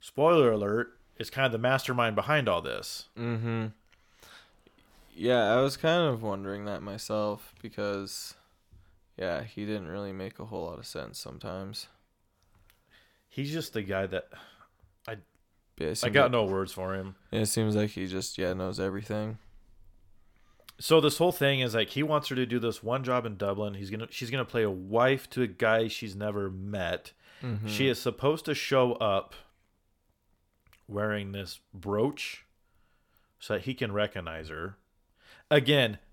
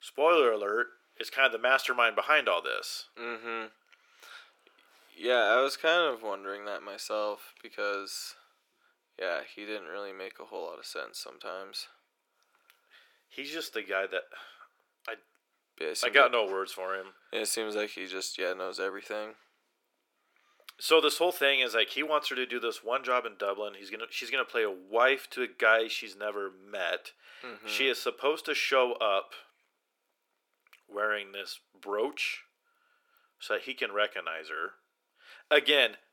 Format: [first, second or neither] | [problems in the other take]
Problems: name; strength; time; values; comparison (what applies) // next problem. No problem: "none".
first | thin; very; fading below 350 Hz